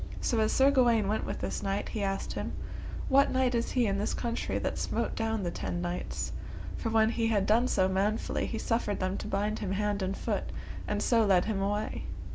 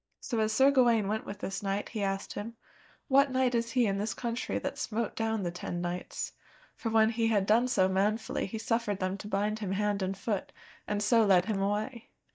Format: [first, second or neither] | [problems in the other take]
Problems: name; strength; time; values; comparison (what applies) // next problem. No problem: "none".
first | noise reduction (neural mask model DeepFilterNet 3)